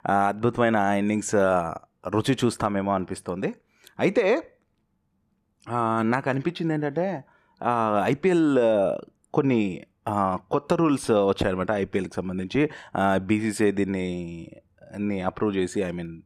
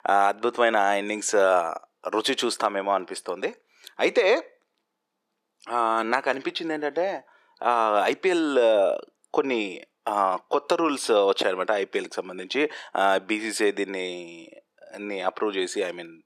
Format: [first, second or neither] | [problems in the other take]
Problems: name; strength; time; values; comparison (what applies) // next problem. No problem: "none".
first | thin; somewhat; fading below 400 Hz